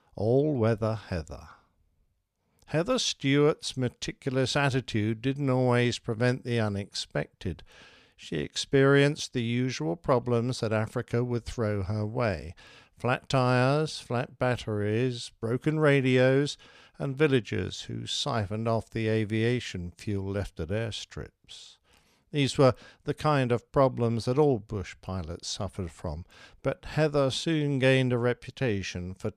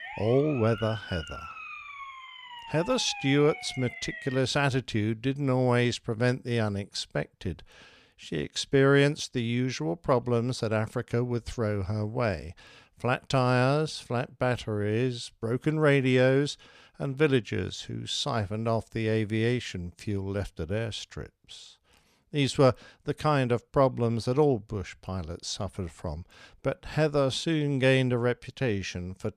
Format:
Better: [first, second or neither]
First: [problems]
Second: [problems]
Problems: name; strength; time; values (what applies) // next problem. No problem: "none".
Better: first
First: none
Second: siren; faint; until 4.5 s; peak 10 dB below the speech